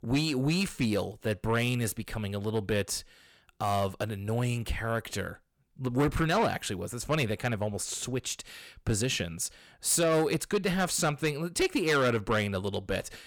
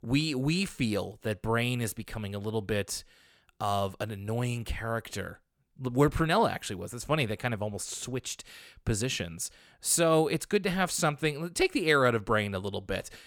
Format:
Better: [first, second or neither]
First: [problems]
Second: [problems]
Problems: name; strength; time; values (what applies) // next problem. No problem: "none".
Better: second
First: distortion; slight; 10 dB below the speech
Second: none